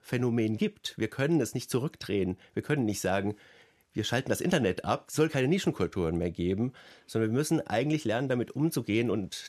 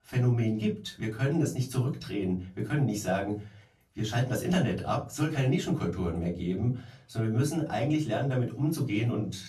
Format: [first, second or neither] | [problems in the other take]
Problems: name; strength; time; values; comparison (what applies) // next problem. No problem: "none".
first | off-mic speech; far // room echo; very slight; dies away in 0.3 s